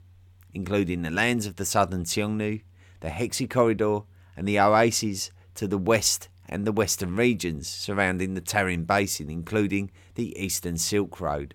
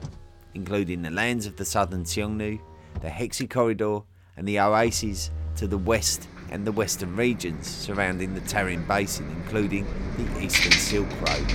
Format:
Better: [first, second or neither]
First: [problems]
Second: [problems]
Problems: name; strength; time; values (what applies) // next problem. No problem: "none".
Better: first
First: none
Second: traffic noise; loud; throughout; 2 dB below the speech